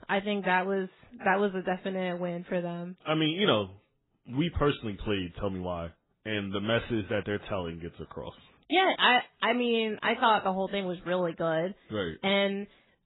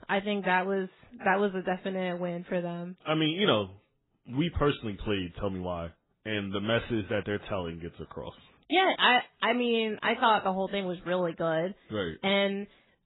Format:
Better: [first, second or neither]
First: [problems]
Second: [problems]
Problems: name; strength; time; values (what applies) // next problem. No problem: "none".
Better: neither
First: garbled, watery; badly; nothing above 4 kHz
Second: garbled, watery; badly; nothing above 4 kHz